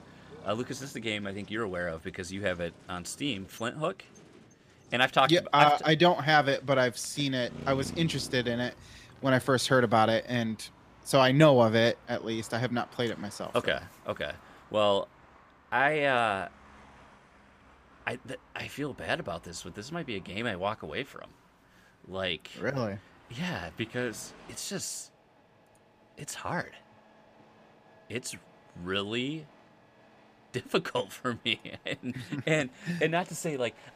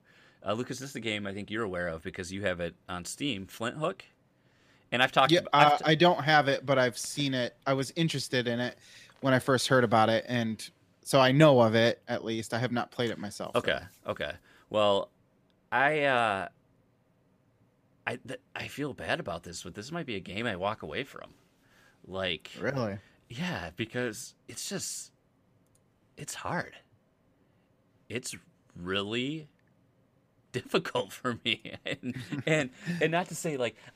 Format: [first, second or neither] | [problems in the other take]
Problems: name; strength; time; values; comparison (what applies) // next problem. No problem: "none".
second | traffic noise; faint; throughout; 25 dB below the speech